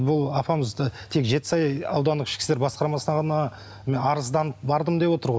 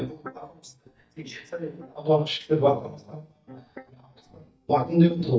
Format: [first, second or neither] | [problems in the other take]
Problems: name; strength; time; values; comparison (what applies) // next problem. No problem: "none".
first | noise reduction (neural mask model DeepFilterNet 3)